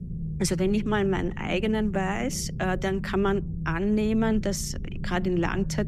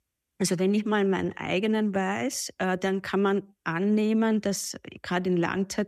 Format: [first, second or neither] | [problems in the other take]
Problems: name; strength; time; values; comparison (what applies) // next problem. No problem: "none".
second | low rumble; noticeable; throughout; 15 dB below the speech